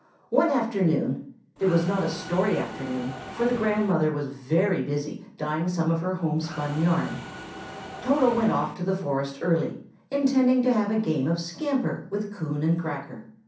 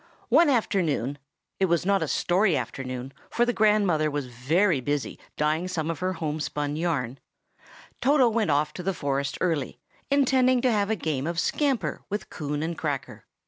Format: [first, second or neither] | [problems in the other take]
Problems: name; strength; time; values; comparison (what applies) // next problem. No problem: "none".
second | background sound (Mechanisms); 13 dB below the speech // room echo; dies away in 0.6 s